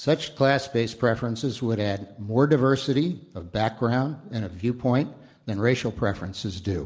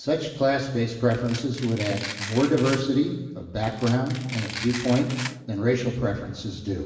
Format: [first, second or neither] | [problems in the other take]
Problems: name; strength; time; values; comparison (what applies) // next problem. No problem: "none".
first | background sound (Domestic sounds, home sounds); 11 dB below the speech // room echo; dies away in 1.1 s